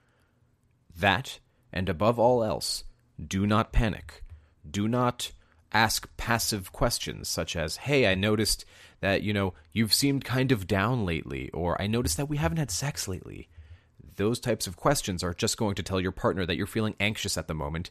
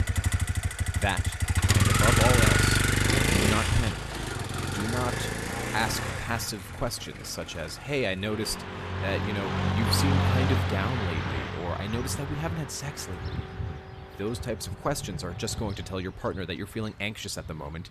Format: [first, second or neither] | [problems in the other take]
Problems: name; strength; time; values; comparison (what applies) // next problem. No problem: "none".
first | traffic noise; very loud; throughout; 5 dB above the speech